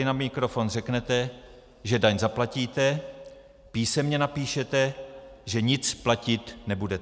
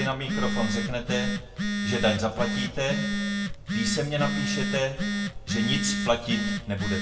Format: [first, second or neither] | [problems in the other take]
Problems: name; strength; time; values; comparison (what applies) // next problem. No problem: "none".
first | background sound (Telephone); as loud as the speech // room echo; dies away in 0.6 s